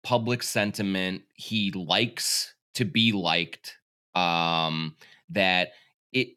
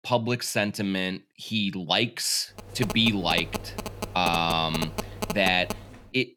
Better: first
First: none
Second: phone ringing; noticeable; from 2.5 s on; peak 7 dB below the speech

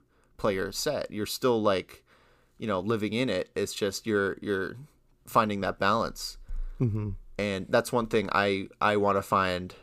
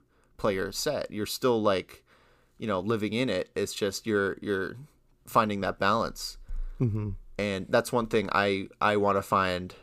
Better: neither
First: none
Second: none

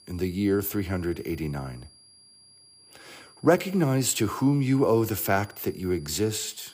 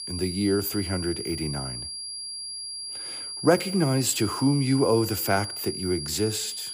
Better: first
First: high-pitched whine; faint; throughout; 5 kHz, 25 dB below the speech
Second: high-pitched whine; loud; throughout; 5 kHz, 7 dB below the speech

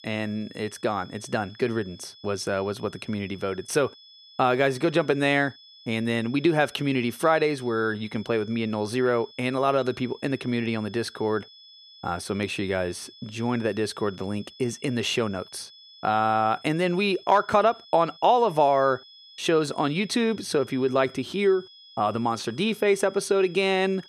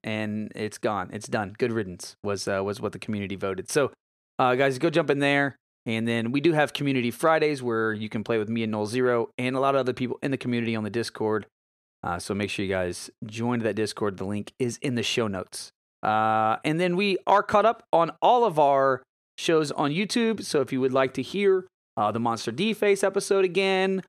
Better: second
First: high-pitched whine; faint; throughout; 3.5 kHz, 20 dB below the speech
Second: none

